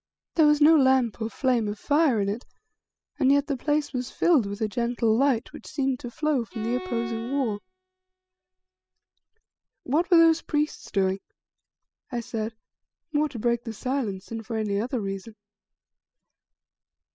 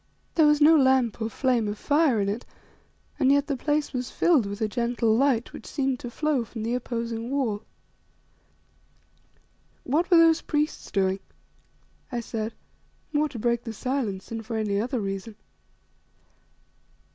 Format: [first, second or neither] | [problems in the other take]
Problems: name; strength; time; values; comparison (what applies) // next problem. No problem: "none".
second | noise reduction (classical method spectral subtraction)